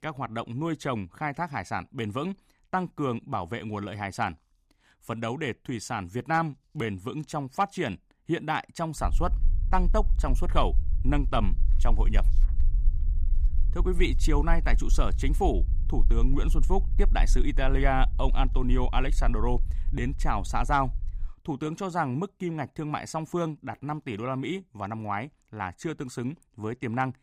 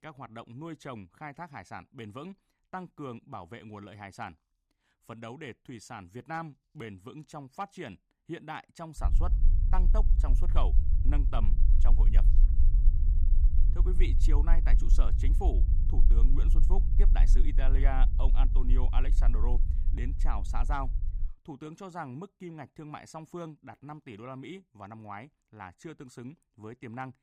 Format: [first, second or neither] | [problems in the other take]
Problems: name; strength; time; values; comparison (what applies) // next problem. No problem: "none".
first | low rumble; loud; from 9 to 21 s; 9 dB below the speech; faint in the first